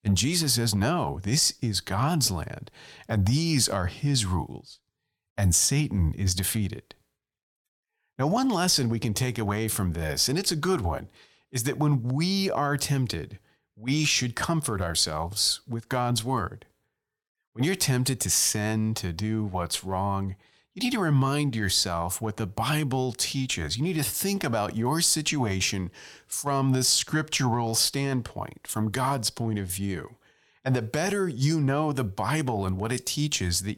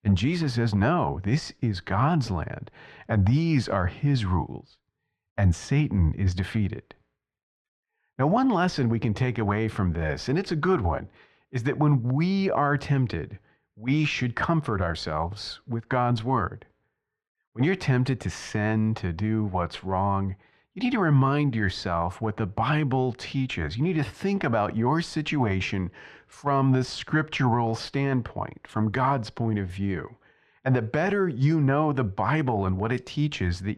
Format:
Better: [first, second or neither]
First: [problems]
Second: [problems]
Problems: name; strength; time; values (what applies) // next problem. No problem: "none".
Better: first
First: none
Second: muffled; very; fading above 2 kHz